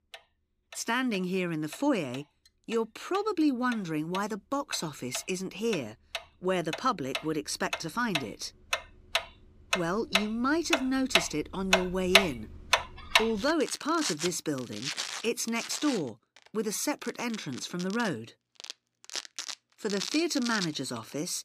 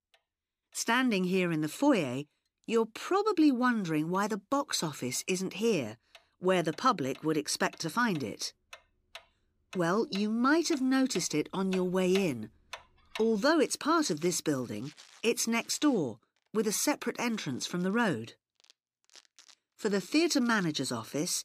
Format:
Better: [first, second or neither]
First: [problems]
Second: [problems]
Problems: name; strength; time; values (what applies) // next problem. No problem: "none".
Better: second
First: household noises; loud; throughout; as loud as the speech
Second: household noises; faint; throughout; 20 dB below the speech